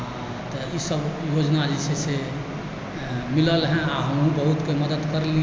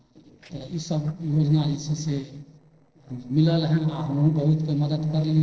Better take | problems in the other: first | noise reduction (neural separator model SepFormer DNS4)

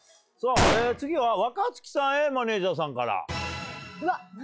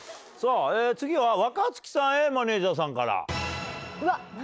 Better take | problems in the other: second | noise reduction (classical method log-MMSE)

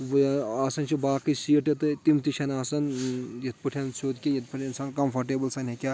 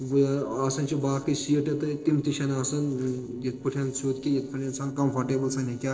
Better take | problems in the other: first | noise reduction (neural separator model SepFormer DNS4)

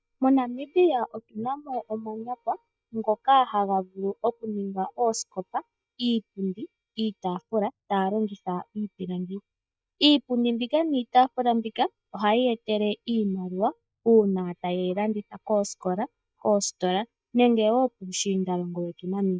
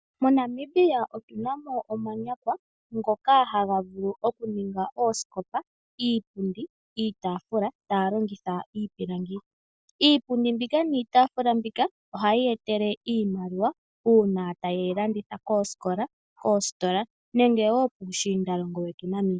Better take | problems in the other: second | noise reduction (neural mask model DeepFilterNet 3)

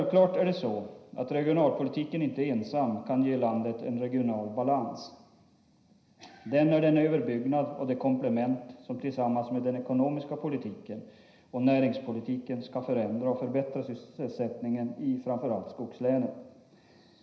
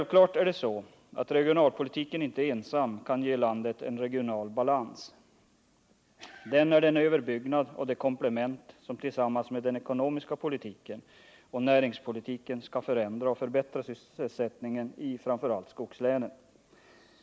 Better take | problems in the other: second | room echo; dies away in 0.9 s

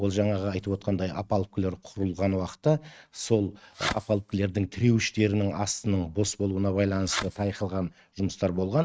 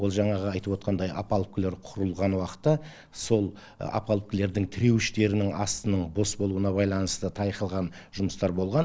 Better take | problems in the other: second | noise reduction (neural mask model RNNoise)

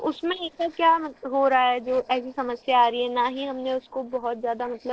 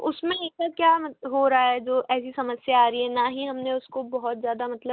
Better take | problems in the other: second | noise reduction (neural separator model SepFormer DNS4)

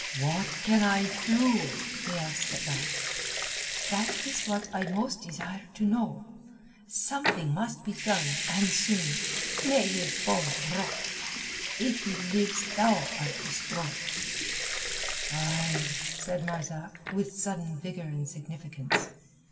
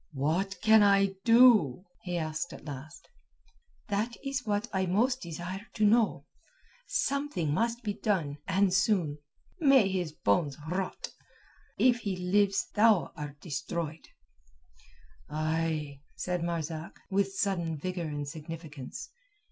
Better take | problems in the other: second | background sound (Sink (filling or washing) / Water tap, faucet / Liquid); 3 dB below the speech // room echo; dies away in 2.6 s

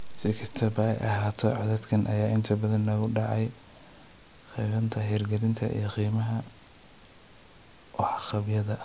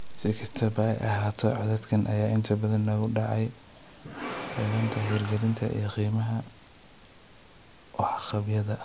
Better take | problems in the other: first | background sound (Engine / Mechanisms); 11 dB below the speech

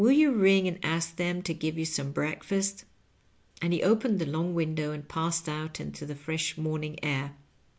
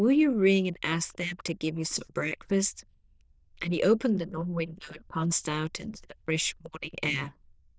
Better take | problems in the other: first | noise reduction (neural diffusion model UNIVERSE++)

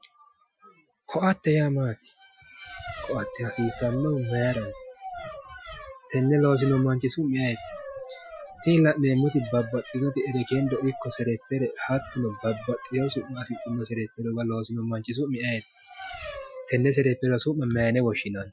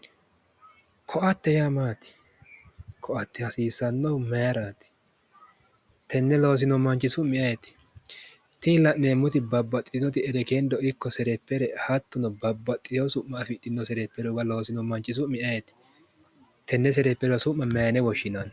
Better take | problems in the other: second | noise reduction (classical method Wiener filter)

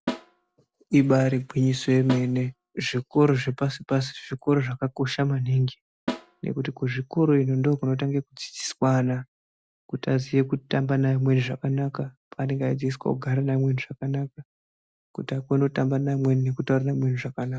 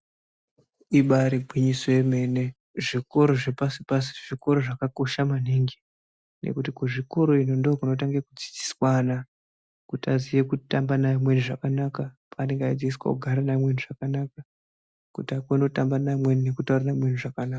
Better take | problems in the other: second | background sound (Snare drum); 12 dB below the speech

